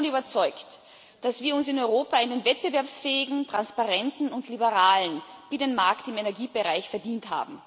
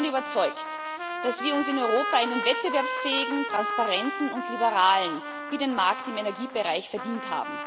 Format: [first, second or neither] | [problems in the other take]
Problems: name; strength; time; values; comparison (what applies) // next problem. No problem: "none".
first | background sound (Trumpet); 5 dB below the speech